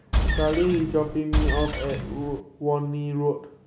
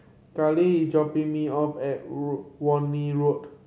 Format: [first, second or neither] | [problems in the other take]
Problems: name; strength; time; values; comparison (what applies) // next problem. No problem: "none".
second | background sound (Engine); 1 dB above the speech